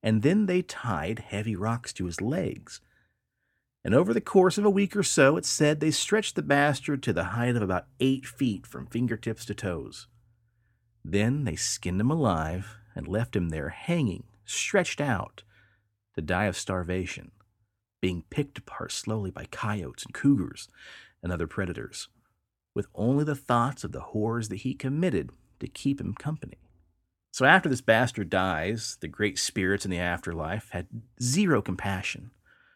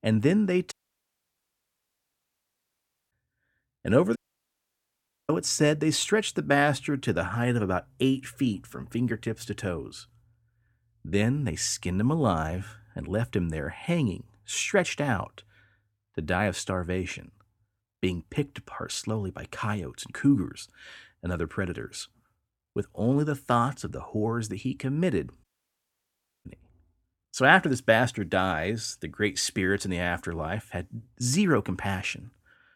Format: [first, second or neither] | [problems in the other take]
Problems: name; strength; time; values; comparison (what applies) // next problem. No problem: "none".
first | audio cutting out; at 0.5 s for 2.5 s, at 4 s for 1 s and at 25 s for 1 s